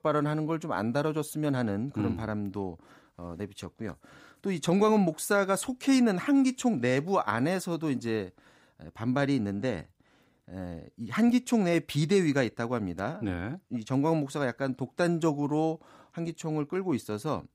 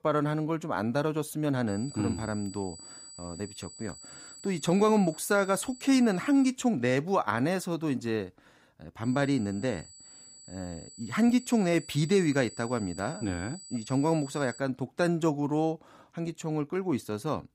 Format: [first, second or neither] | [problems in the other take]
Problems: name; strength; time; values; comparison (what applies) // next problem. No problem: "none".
first | high-pitched whine; noticeable; from 1.5 to 6.5 s and from 9 to 15 s; 8 kHz, 15 dB below the speech